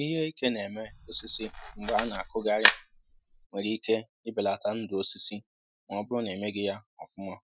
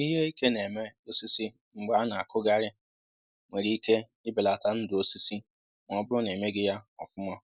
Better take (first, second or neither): second